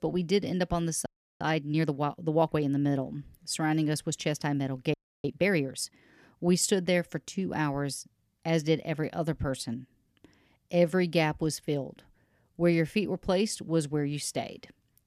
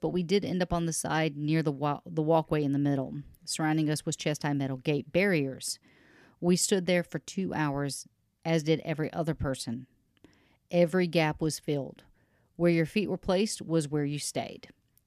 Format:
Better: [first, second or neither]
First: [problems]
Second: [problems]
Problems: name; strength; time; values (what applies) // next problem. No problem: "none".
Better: second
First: audio freezing; at 1 s and at 5 s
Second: none